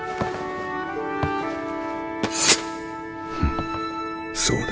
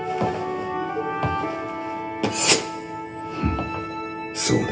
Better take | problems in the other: first | room echo; dies away in 0.3 s

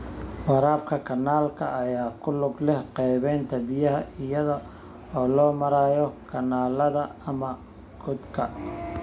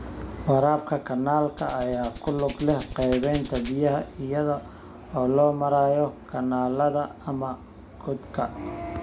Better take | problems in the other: first | background sound (Hands); 15 dB below the speech

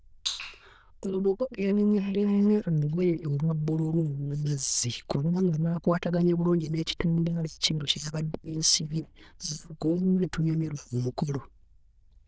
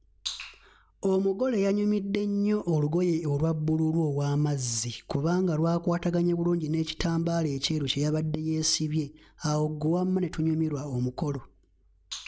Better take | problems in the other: second | noise reduction (neural diffusion model UNIVERSE++)

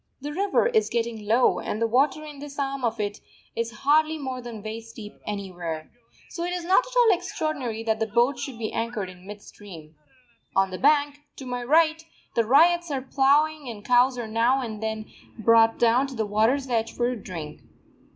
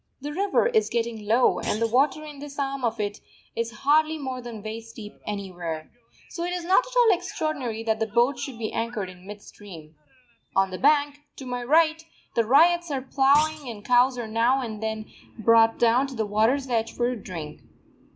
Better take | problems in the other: first | background sound (Thump, thud); 16 dB below the speech

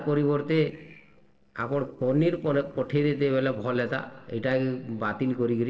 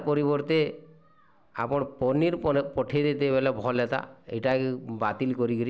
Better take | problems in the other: second | noise reduction (neural separator model SepFormer DNS4)

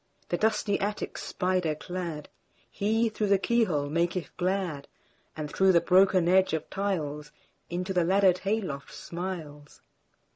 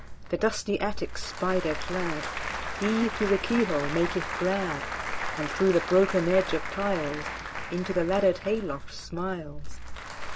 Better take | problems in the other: first | background sound (Applause / Crowd); 5 dB below the speech

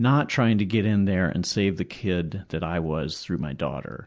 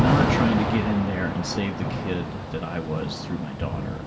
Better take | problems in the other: first | background sound (Thunder / Rain); 1 dB above the speech // room echo; dies away in 0.2 s

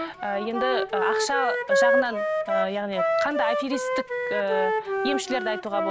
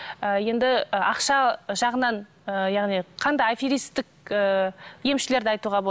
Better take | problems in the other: second | background sound (Wind instrument, woodwind instrument); 3 dB above the speech

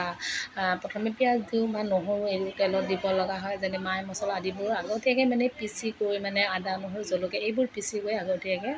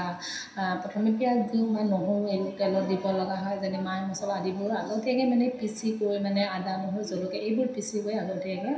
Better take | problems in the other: first | room echo; dies away in 0.7 s

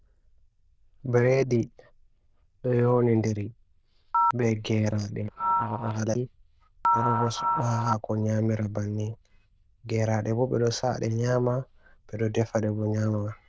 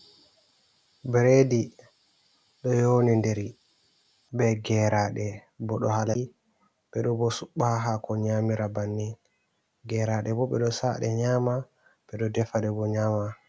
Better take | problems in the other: second | noise reduction (neural diffusion model UNIVERSE++)

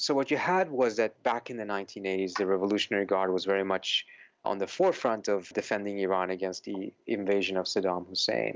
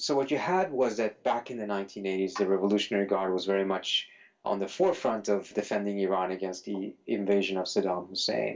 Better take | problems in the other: first | room echo; dies away in 0.2 s

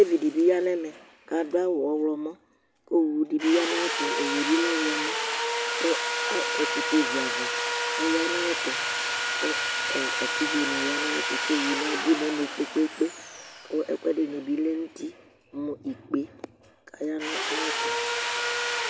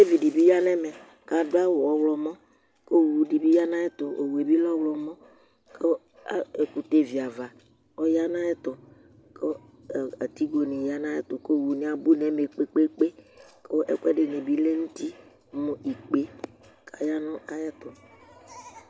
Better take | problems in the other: second | background sound (Sawing); 2 dB below the speech

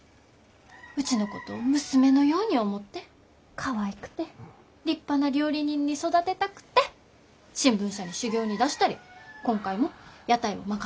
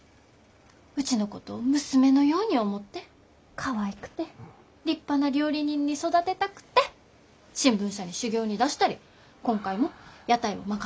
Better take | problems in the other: second | background sound (Chicken, rooster); 20 dB below the speech

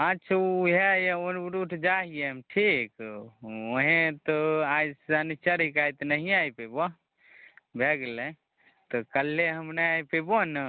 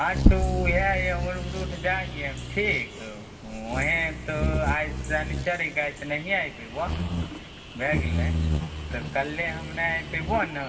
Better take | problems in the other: first | background sound (Bird vocalization, bird call, bird song); 1 dB above the speech // room echo; dies away in 2.6 s

